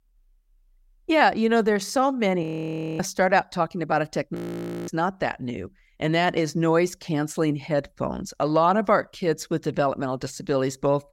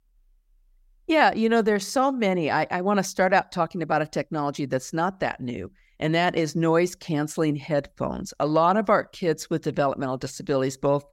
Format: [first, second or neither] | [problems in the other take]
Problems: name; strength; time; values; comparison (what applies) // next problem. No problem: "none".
second | audio freezing; at 2.5 s for 0.5 s and at 4.5 s for 0.5 s